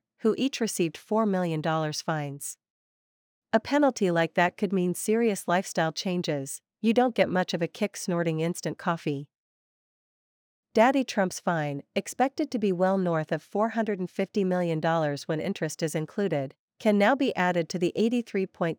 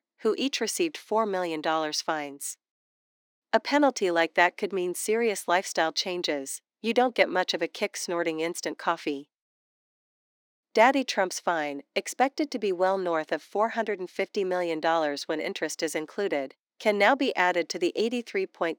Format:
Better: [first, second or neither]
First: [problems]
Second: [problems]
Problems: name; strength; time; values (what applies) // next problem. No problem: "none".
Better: first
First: none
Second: thin; very slightly; fading below 300 Hz